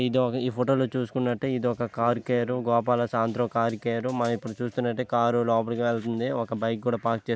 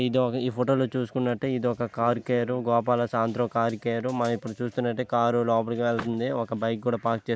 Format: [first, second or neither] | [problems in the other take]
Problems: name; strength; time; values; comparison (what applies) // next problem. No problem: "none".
first | background sound (Vehicle); 17 dB below the speech